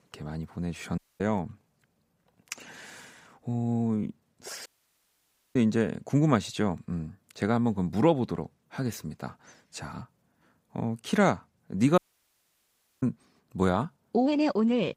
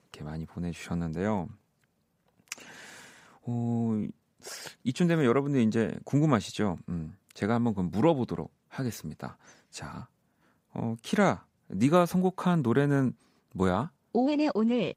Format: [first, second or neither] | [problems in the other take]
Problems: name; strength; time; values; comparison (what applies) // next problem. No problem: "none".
second | audio cutting out; at 1 s, at 4.5 s for 1 s and at 12 s for 1 s